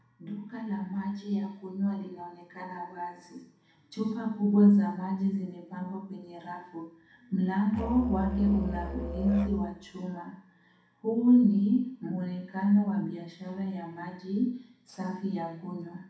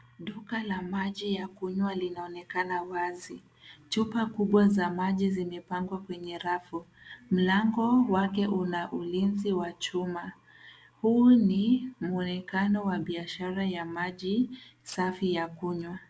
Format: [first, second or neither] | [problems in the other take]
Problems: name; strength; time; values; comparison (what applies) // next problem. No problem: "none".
second | background sound (Musical instrument); 7 dB below the speech // room echo; dies away in 0.7 s